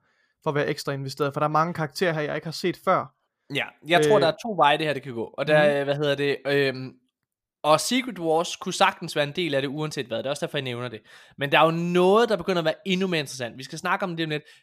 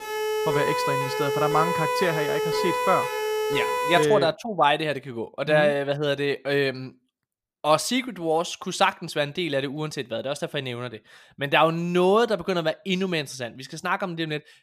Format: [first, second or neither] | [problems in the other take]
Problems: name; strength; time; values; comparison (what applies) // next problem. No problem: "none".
first | siren; loud; until 4 s; peak level with the speech